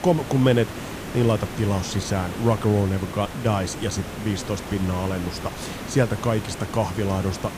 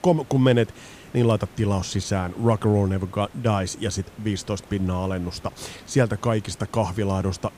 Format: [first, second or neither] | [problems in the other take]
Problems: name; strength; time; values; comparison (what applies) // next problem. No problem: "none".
second | hiss; loud; throughout; 9 dB below the speech; faint in the second